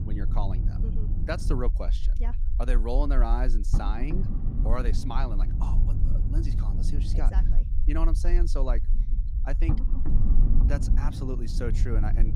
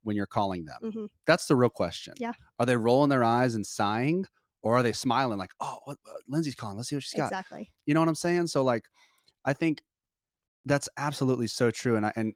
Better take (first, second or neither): second